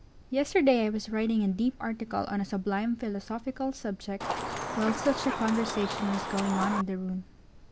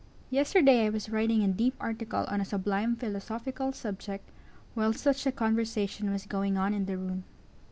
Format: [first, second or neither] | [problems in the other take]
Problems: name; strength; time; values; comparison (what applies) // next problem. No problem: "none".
second | background sound (Chicken, rooster); 4 dB below the speech